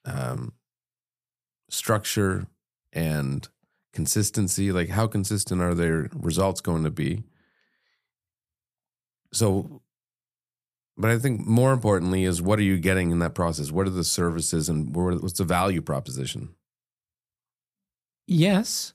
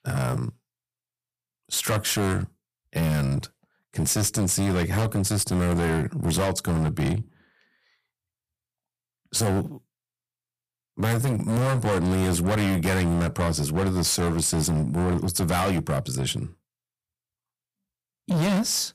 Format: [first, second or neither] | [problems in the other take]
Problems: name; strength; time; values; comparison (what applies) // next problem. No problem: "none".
first | distortion; heavy; 18% of the sound clipped